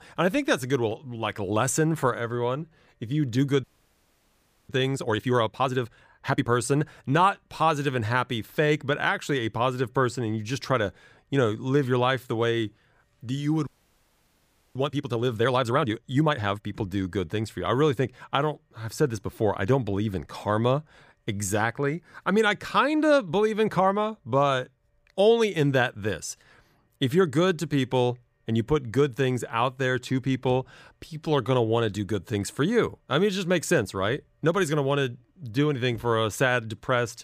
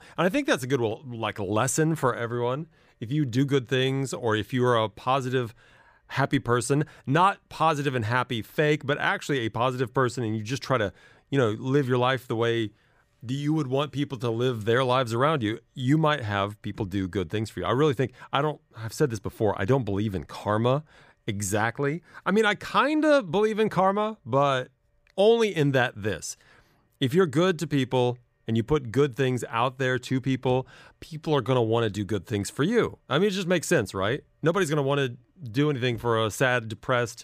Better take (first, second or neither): second